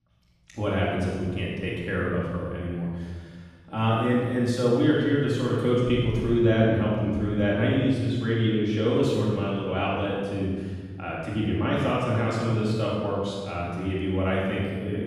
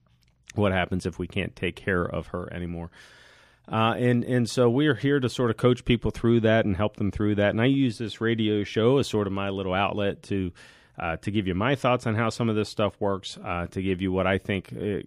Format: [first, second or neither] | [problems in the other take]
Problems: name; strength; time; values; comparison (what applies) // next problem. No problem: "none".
second | off-mic speech; far // room echo; strong; dies away in 1.6 s